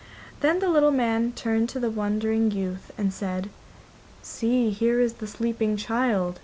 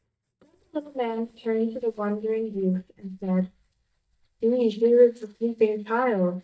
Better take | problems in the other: first | noise reduction (neural mask model DeepFilterNet 3)

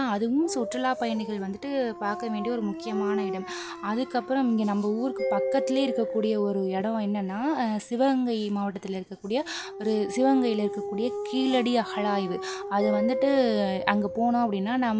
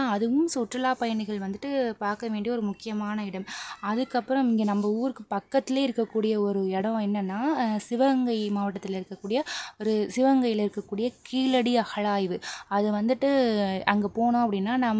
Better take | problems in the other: second | background sound (Dog + Mallet percussion); 7 dB below the speech

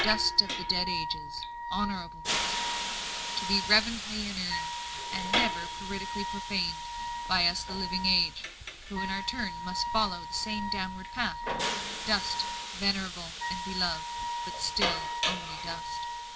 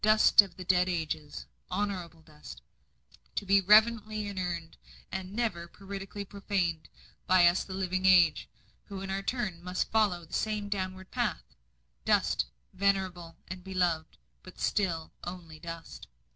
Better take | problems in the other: second | background sound (Wind instrument, woodwind instrument + Hiss); 2 dB below the speech

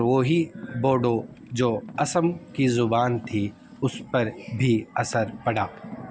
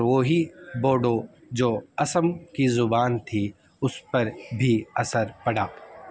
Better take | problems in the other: second | background sound (Car); 18 dB below the speech

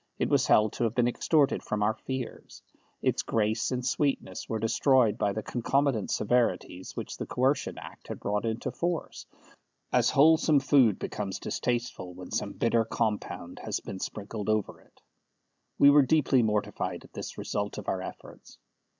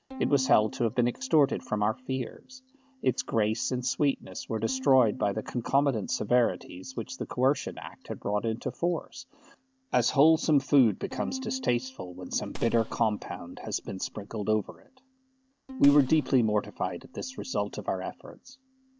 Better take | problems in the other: first | background sound (Gunshot, gunfire + Bowed string instrument); 16 dB below the speech

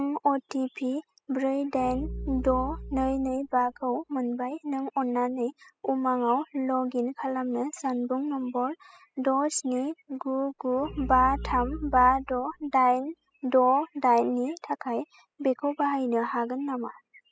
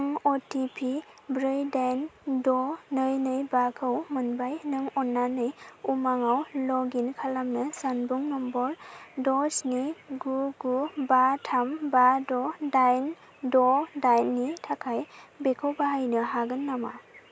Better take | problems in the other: second | noise reduction (classical method spectral subtraction)

